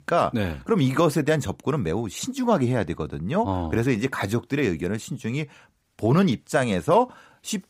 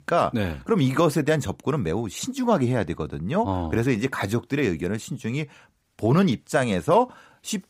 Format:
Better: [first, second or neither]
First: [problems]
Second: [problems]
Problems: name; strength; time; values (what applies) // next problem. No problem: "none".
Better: neither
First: none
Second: none